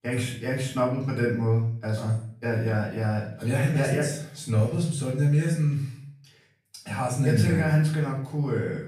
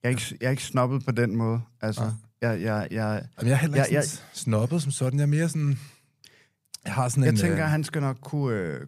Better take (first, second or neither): second